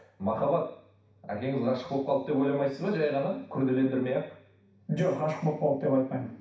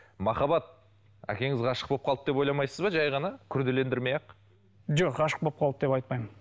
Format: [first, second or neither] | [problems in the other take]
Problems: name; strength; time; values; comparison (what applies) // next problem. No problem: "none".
second | room echo; dies away in 0.6 s